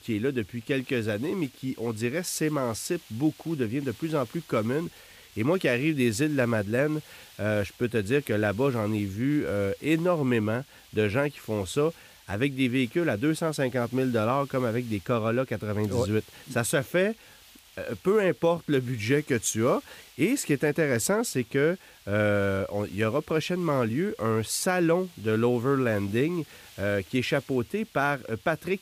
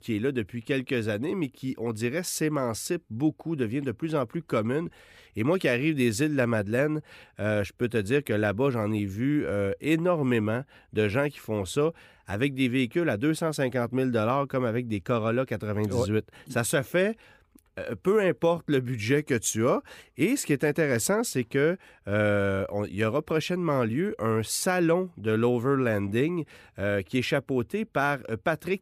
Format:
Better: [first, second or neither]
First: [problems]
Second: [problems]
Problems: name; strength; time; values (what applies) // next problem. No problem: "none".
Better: second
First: hiss; faint; throughout; 25 dB below the speech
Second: none